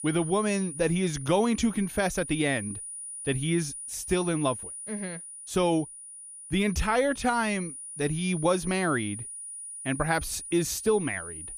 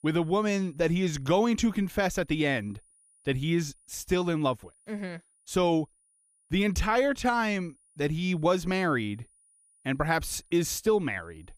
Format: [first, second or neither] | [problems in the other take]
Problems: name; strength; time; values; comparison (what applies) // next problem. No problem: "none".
second | high-pitched whine; loud; throughout; 9.5 kHz, 10 dB below the speech; faint in the second